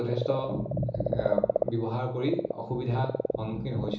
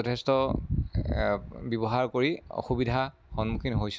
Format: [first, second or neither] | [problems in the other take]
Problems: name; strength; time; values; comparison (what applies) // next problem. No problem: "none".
second | background sound (Frog); 2 dB below the speech // room echo; dies away in 1.2 s